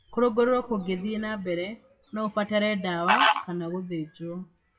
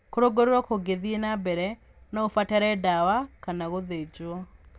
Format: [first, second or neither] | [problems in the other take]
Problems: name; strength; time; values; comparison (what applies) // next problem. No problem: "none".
second | noise reduction (classical method WPE with log-MMSE)